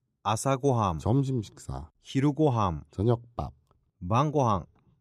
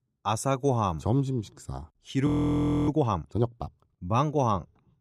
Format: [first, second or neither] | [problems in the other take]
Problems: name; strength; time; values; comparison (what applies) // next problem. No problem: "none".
first | audio freezing; at 2.5 s for 0.5 s